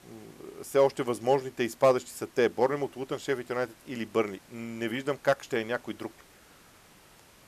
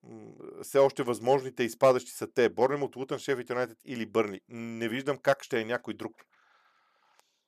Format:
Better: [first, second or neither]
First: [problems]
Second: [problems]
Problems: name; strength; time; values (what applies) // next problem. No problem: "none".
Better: second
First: hiss; faint; throughout; 25 dB below the speech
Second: none